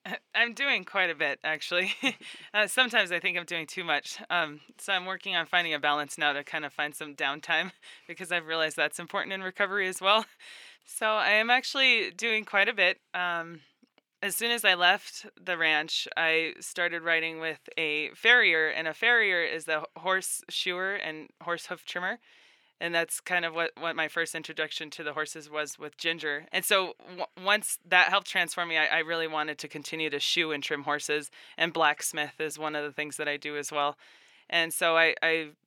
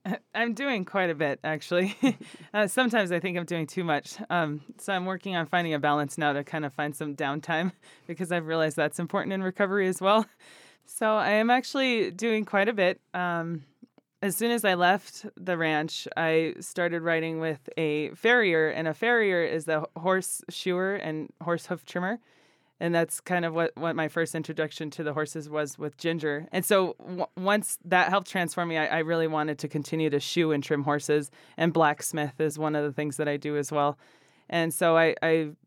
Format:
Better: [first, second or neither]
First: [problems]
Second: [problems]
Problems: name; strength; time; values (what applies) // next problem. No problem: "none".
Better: second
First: thin; somewhat; fading below 800 Hz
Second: none